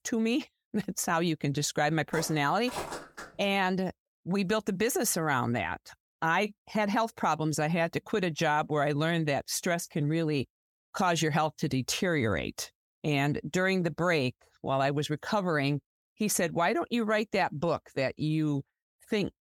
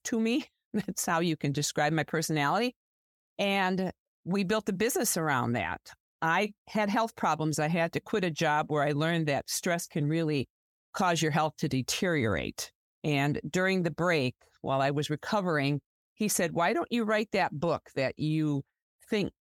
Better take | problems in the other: second | footsteps; noticeable; from 2 to 3.5 s; peak 8 dB below the speech

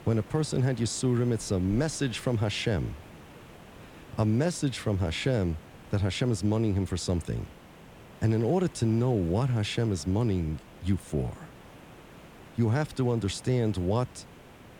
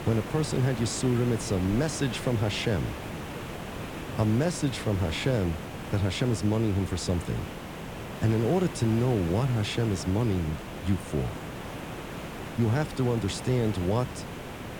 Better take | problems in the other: first | hiss; loud; throughout; 9 dB below the speech; faint in the first

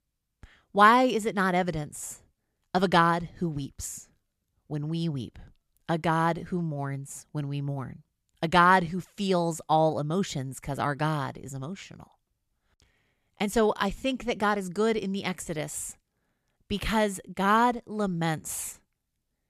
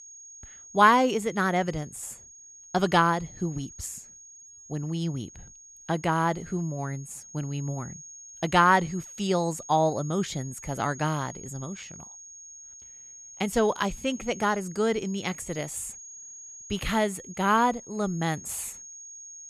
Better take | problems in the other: first | high-pitched whine; noticeable; throughout; 6.5 kHz, 15 dB below the speech

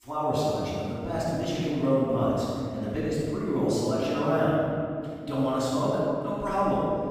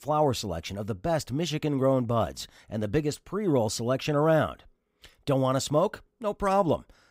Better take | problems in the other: second | off-mic speech; far // room echo; strong; dies away in 2.5 s

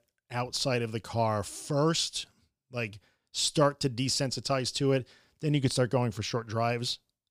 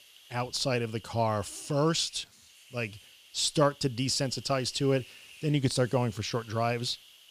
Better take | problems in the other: first | hiss; faint; throughout; 20 dB below the speech

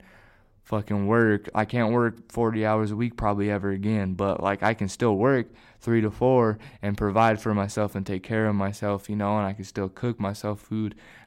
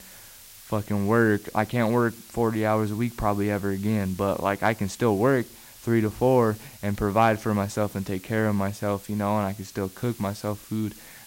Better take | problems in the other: first | hiss; noticeable; throughout; 20 dB below the speech

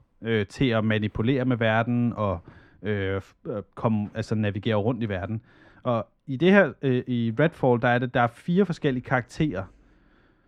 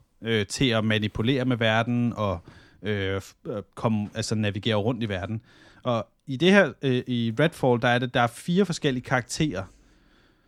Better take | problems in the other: second | muffled; slightly; fading above 3.5 kHz

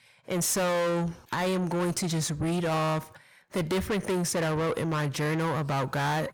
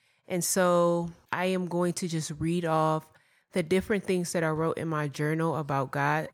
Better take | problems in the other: second | distortion; heavy; 6 dB below the speech

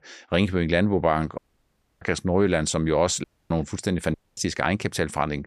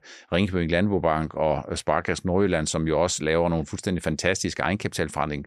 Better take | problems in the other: second | audio cutting out; at 1.5 s for 0.5 s, at 3 s and at 4 s

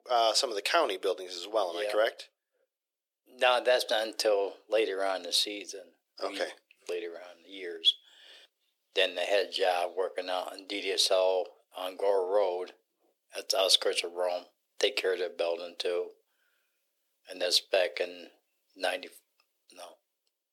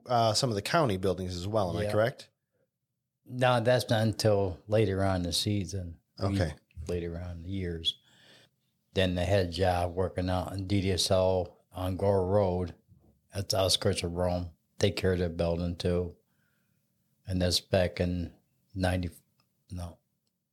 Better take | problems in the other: second | thin; very; fading below 350 Hz

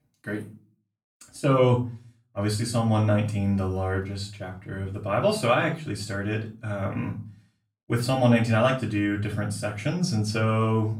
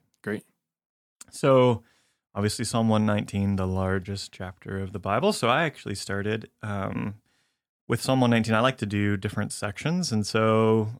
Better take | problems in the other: second | off-mic speech; far // room echo; slight; dies away in 0.3 s

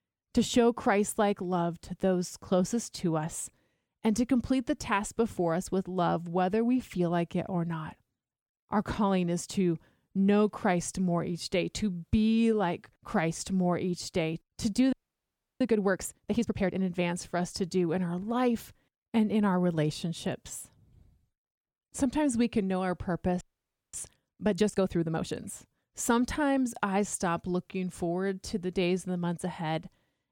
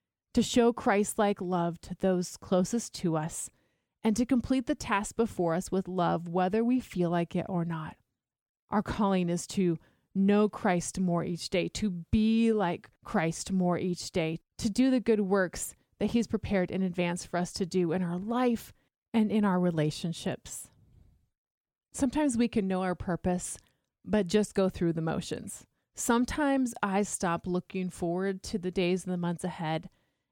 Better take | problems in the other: second | audio freezing; at 15 s for 0.5 s and at 23 s for 0.5 s

